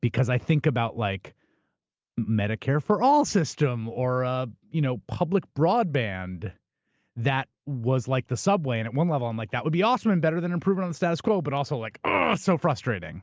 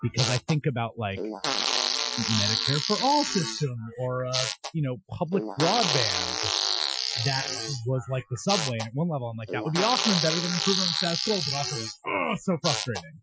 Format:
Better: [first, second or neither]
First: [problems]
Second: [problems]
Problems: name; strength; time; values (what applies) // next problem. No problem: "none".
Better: first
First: none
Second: noise reduction (classical method Wiener filter)